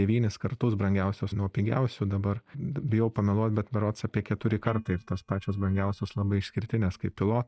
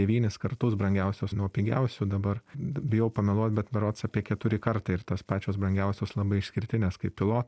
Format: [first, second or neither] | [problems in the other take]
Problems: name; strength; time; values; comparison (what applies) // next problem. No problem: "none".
second | noise reduction (neural mask model DeepFilterNet 3)